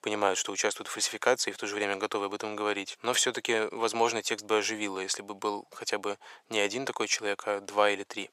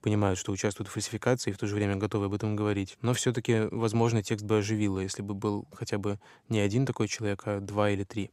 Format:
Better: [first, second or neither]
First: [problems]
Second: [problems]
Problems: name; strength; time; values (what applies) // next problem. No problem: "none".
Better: second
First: thin; very; fading below 650 Hz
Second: none